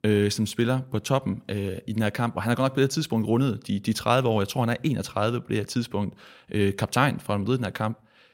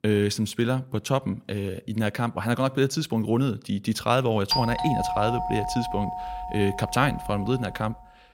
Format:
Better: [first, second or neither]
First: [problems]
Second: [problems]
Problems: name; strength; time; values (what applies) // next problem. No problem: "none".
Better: first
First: none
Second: doorbell; loud; from 4.5 to 7.5 s; peak 1 dB above the speech